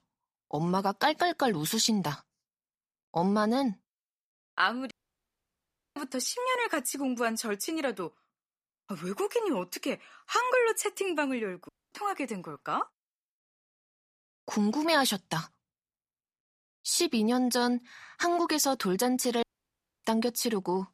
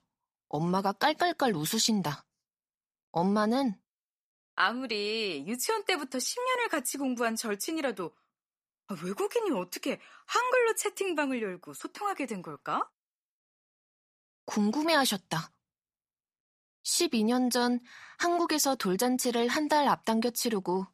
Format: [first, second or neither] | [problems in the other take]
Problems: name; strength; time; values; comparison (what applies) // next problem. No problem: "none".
second | audio cutting out; at 5 s for 1 s, at 12 s and at 19 s for 0.5 s